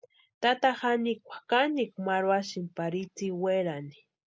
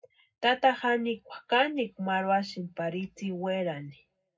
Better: first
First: none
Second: room echo; dies away in 0.3 s

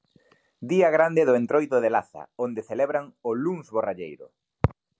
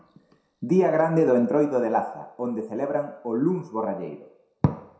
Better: first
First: none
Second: room echo; dies away in 0.6 s

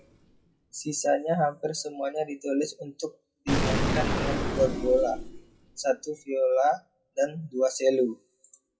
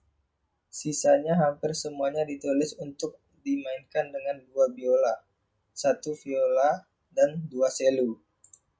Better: second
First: noise reduction (classical method WPE with log-MMSE)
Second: none

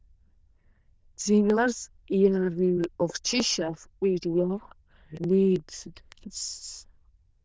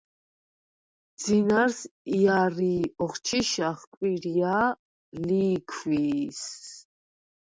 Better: second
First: noise reduction (neural diffusion model UNIVERSE++)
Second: none

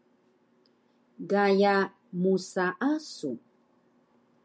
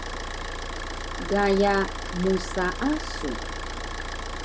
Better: first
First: none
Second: background sound (Idling / Car); 4 dB below the speech

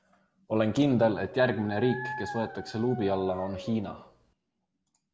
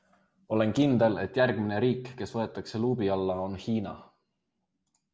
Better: second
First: background sound (Dog); 13 dB below the speech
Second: none

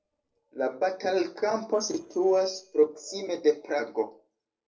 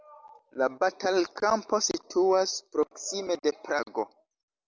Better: second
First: noise reduction (neural separator model SepFormer DNS4)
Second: none

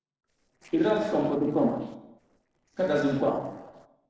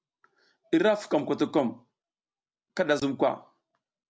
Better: second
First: noise reduction (neural separator model SepFormer DNS4)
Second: none

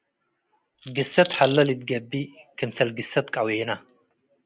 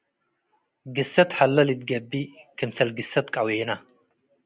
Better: second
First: background sound (Rattle); 12 dB below the speech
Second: none

